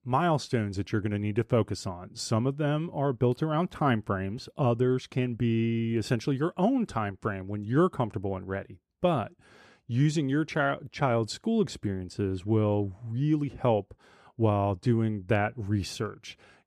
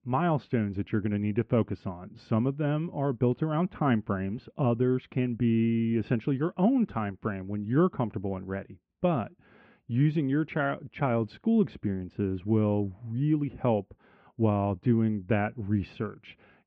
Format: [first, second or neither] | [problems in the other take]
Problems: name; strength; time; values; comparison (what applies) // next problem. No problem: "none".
first | muffled; very; fading above 2.5 kHz